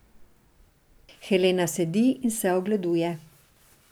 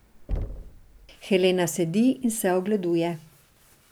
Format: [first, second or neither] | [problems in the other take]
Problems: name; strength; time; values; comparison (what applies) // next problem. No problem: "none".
first | background sound (Knock); 13 dB below the speech